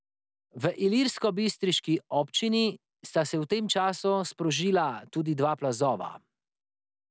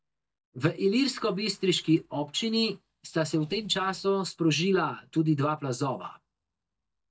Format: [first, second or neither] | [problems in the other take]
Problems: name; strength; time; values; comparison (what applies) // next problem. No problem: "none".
first | noise reduction (neural mask model DeepFilterNet 3)